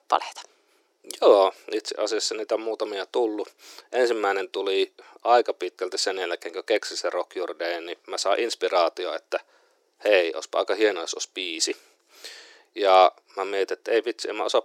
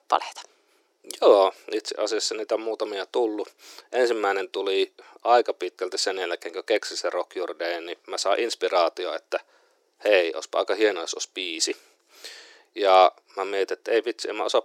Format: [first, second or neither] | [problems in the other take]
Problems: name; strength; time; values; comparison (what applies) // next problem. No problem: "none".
neither | thin; very; fading below 350 Hz; the same in both